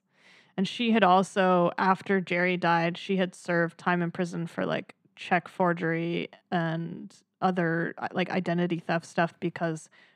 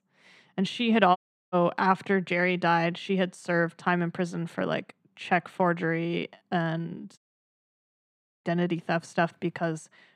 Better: first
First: none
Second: audio cutting out; at 1 s and at 7 s for 1.5 s

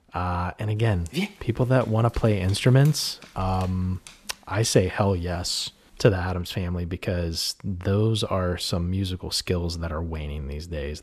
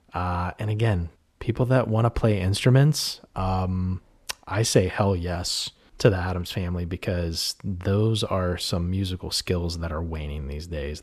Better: second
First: dog barking; noticeable; from 1 to 4 s; peak 5 dB below the speech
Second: none

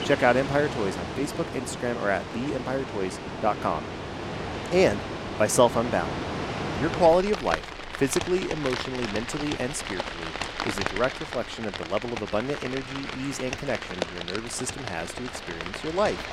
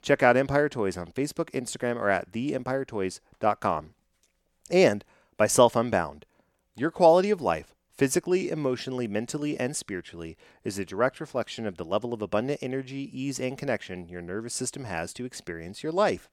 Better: second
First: rain or running water; loud; throughout; 6 dB below the speech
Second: none

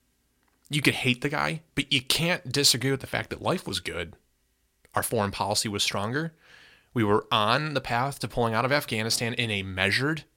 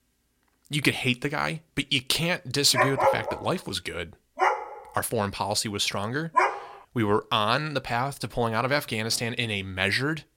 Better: first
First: none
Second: dog barking; loud; from 3 to 6.5 s; peak 4 dB above the speech

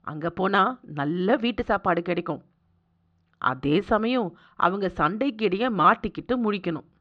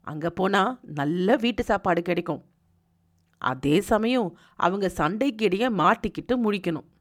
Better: second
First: muffled; very slightly; fading above 4 kHz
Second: none

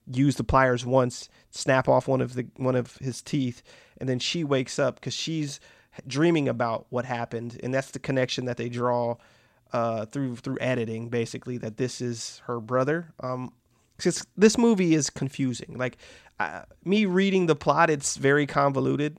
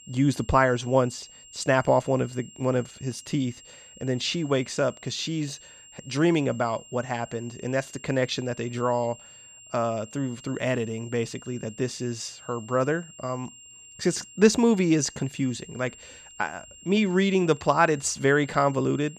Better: first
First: none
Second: high-pitched whine; faint; throughout; 7.5 kHz, 20 dB below the speech

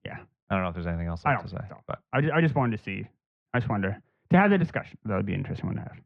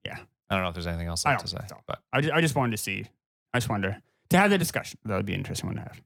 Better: second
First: muffled; very; fading above 2 kHz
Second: none

